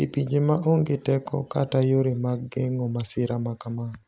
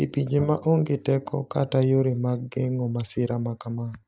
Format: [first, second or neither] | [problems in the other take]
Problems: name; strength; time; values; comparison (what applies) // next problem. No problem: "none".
first | noise reduction (neural mask model DeepFilterNet 3)